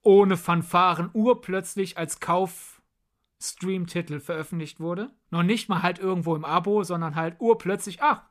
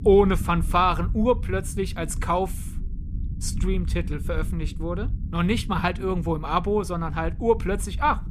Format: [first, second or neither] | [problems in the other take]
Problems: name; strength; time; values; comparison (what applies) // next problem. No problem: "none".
first | low rumble; faint; throughout; 20 dB below the speech